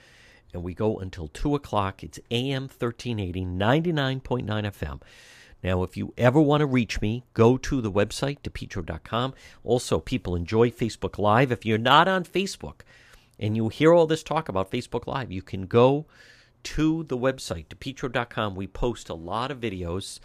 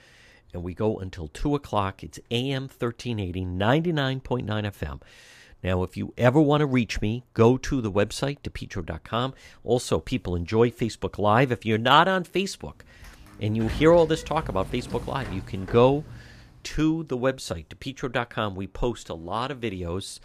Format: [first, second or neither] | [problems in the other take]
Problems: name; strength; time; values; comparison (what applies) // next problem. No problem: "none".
first | door banging; noticeable; from 13 to 16 s; peak 9 dB below the speech